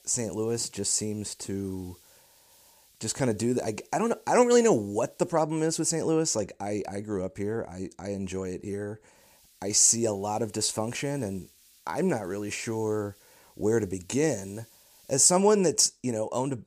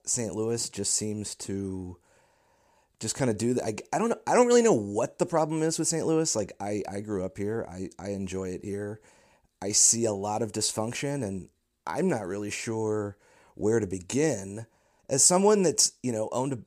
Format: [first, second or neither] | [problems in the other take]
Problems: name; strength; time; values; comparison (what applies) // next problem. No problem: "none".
second | hiss; faint; until 5.5 s and from 9 to 15 s; 30 dB below the speech